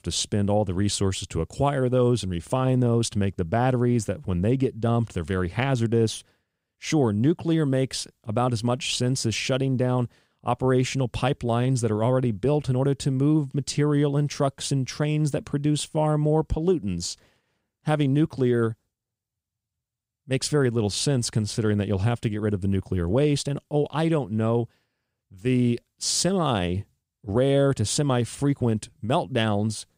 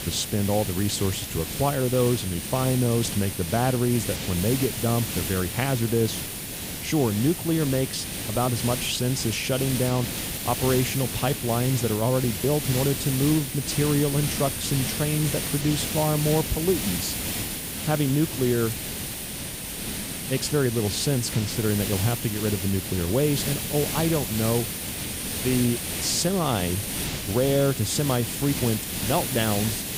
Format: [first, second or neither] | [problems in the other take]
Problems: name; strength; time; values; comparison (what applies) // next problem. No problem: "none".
first | hiss; loud; throughout; 4 dB below the speech